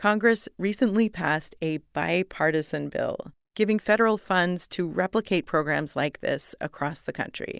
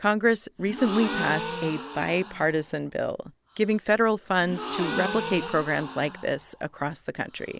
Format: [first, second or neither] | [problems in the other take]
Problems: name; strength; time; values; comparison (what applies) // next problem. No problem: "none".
first | background sound (Gasp); 9 dB below the speech